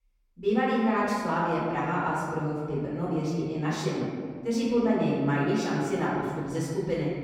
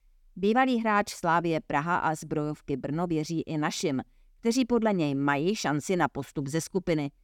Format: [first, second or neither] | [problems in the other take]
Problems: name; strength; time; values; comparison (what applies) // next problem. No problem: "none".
second | off-mic speech; far // room echo; noticeable; dies away in 1.8 s